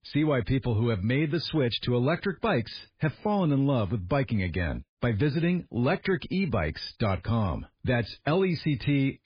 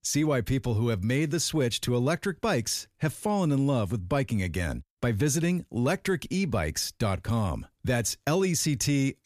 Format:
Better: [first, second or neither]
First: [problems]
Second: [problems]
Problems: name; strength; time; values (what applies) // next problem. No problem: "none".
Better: second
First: garbled, watery; badly; nothing above 5 kHz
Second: none